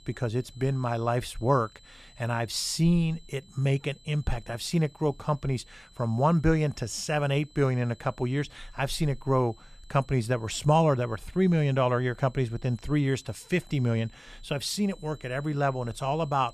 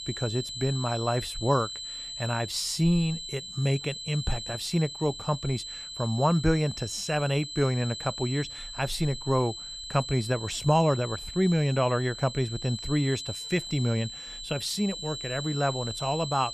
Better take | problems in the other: first | high-pitched whine; loud; throughout; 4 kHz, 8 dB below the speech; faint in the first

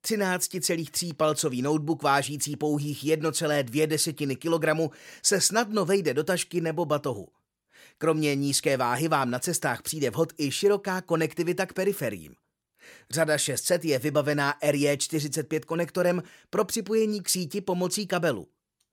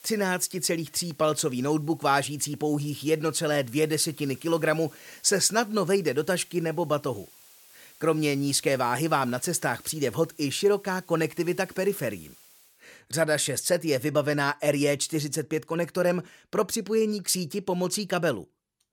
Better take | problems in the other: first | hiss; faint; until 13 s; 25 dB below the speech

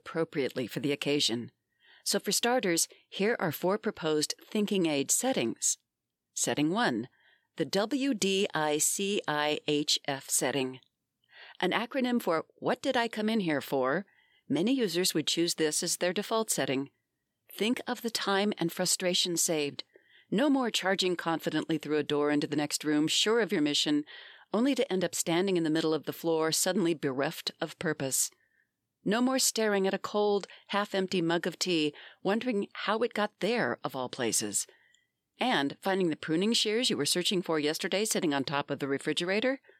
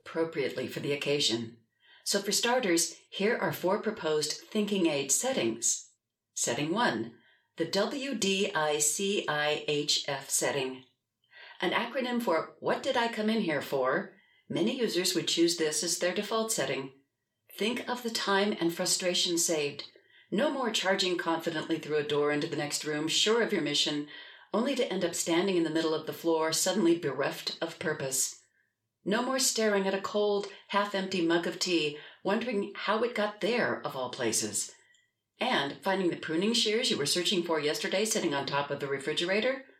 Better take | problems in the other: first | room echo; very slight; dies away in 0.3 s

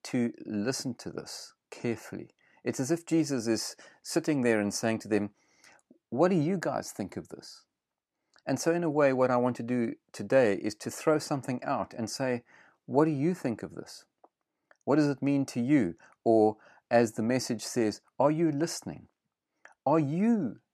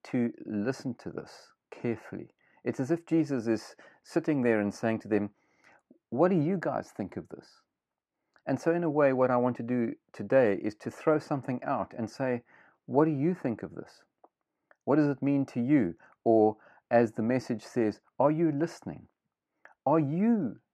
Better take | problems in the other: first | muffled; slightly; fading above 3.5 kHz

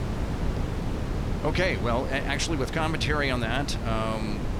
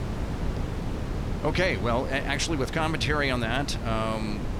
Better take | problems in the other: second | wind noise on the microphone; heavy; 9 dB below the speech; occasional gusts in the second

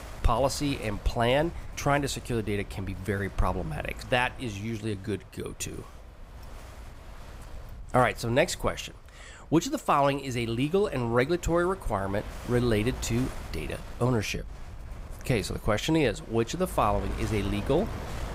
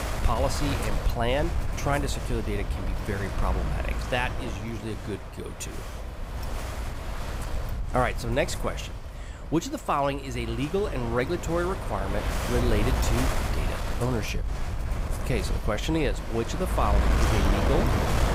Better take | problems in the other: first | wind noise on the microphone; heavy; 4 dB below the speech; occasional gusts in the first

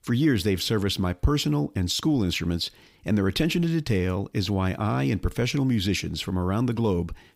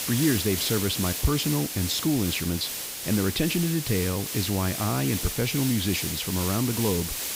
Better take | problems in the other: first | hiss; loud; throughout; 3 dB below the speech

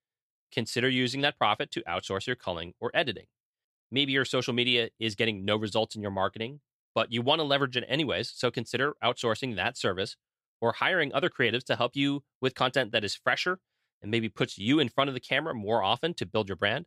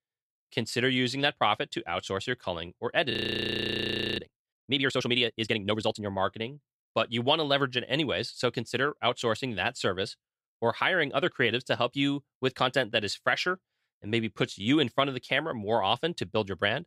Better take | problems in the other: first | audio freezing; at 3 s for 1 s

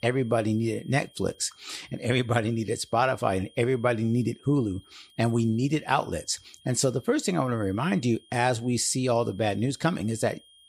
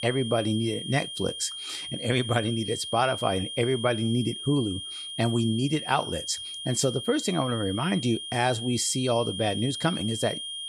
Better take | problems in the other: first | high-pitched whine; loud; throughout; 3 kHz, 7 dB below the speech; faint in the first

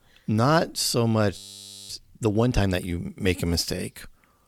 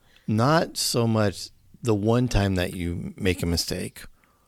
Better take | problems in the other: second | audio freezing; at 1.5 s for 0.5 s

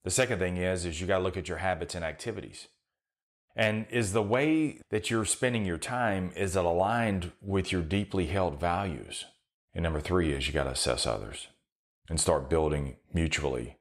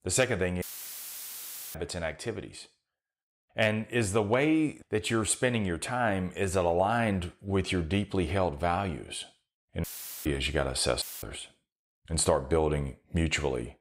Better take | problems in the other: first | audio cutting out; filled with static; at 0.5 s for 1 s, at 10 s and at 11 s

